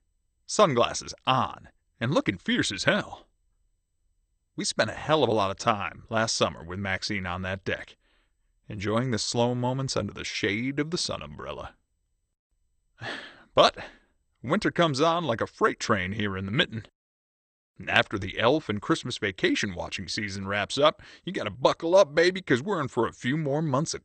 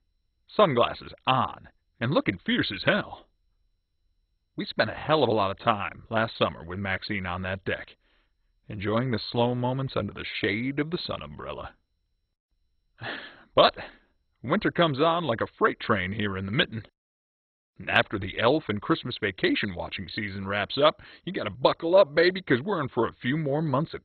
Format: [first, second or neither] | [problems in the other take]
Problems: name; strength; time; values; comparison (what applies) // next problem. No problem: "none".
first | garbled, watery; badly; nothing above 4 kHz; slightly in the first